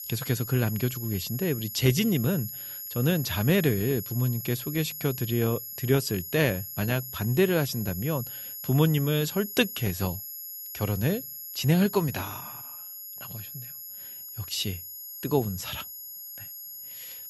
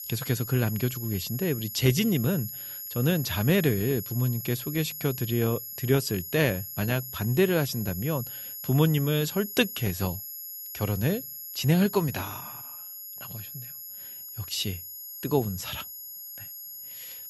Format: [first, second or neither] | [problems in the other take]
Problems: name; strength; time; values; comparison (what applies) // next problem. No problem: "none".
neither | high-pitched whine; loud; throughout; 11.5 kHz, 9 dB below the speech; the same in both